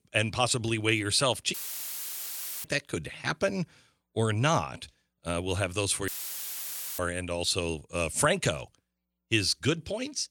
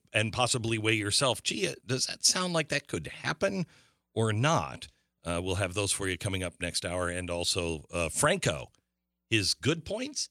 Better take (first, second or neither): second